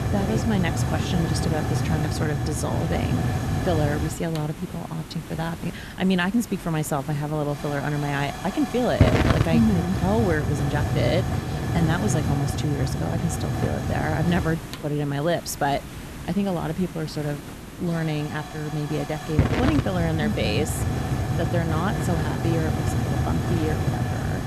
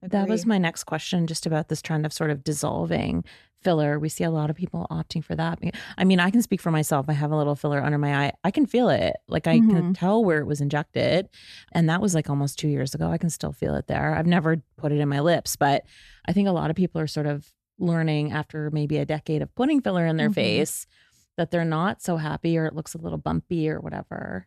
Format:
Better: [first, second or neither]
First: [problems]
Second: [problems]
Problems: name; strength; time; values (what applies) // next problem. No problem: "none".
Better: second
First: hiss; loud; throughout; as loud as the speech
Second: none